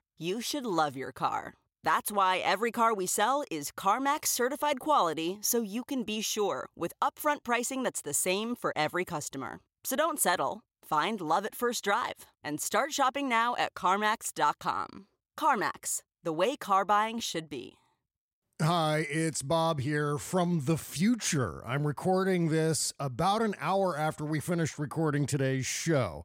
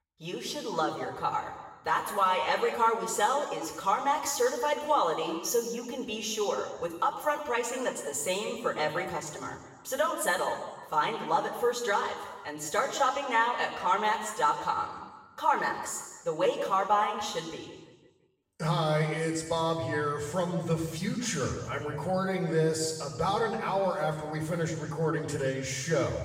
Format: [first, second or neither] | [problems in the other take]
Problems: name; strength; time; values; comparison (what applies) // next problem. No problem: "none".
first | room echo; noticeable; dies away in 1.2 s // off-mic speech; far